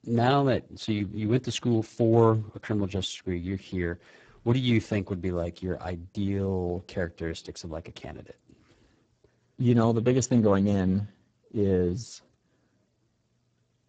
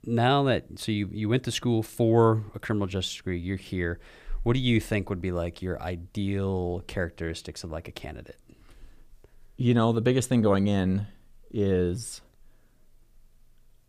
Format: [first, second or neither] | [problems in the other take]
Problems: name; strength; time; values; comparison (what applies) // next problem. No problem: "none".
second | garbled, watery; badly; nothing above 7.5 kHz